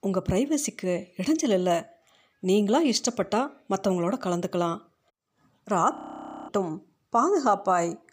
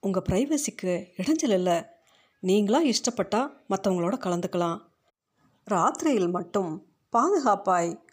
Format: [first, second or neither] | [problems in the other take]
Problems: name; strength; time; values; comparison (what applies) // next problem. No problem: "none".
second | audio freezing; at 6 s for 0.5 s